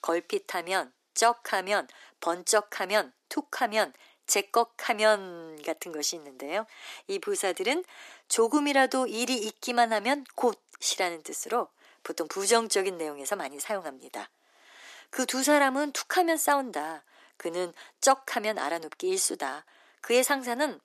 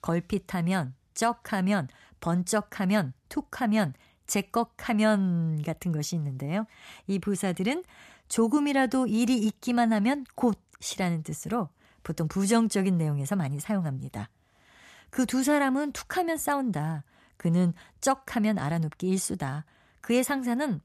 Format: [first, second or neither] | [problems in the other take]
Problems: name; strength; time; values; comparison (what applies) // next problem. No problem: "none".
second | thin; somewhat; fading below 300 Hz